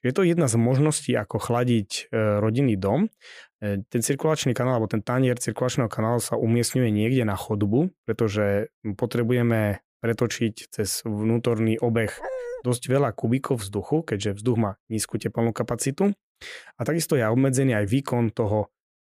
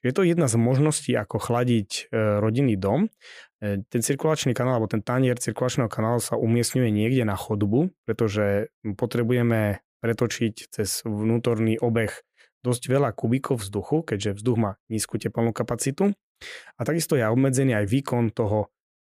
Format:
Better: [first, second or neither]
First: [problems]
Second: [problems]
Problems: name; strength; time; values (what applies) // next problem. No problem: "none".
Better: second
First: dog barking; noticeable; at 12 s; peak 8 dB below the speech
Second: none